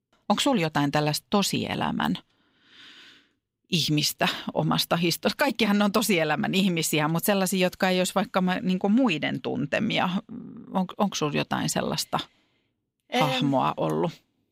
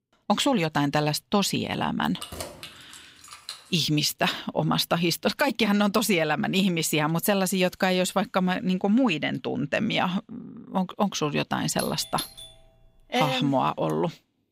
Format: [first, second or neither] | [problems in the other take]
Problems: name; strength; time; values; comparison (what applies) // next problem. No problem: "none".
first | jangling keys; faint; from 2 to 4 s; peak 10 dB below the speech // doorbell; faint; at 12 s; peak 10 dB below the speech